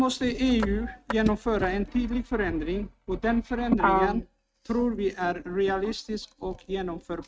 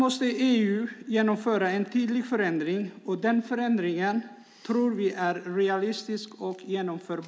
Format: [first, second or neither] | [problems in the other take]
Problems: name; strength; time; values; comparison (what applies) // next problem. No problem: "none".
second | noise reduction (neural mask model RNNoise)